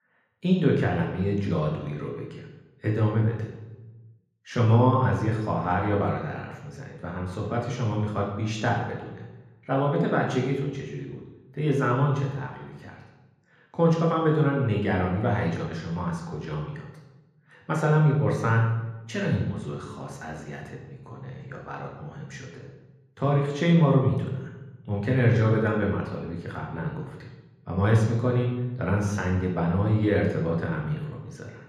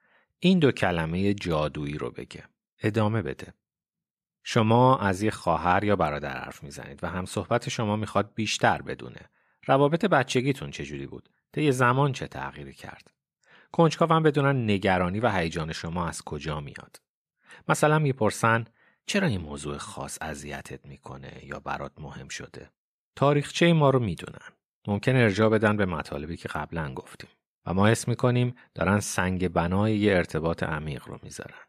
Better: second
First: room echo; noticeable; dies away in 1.2 s // off-mic speech; far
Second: none

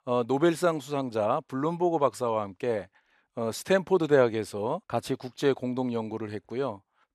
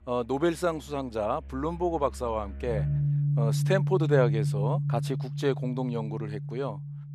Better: first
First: none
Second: background music; very loud; throughout; 1 dB above the speech

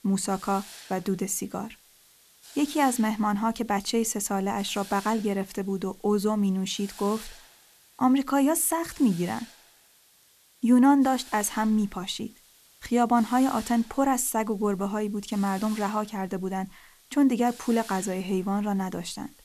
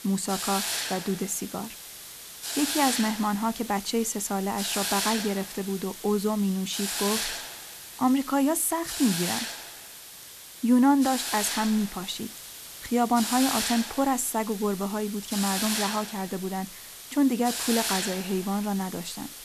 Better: first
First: hiss; faint; throughout; 20 dB below the speech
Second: hiss; loud; throughout; 5 dB below the speech

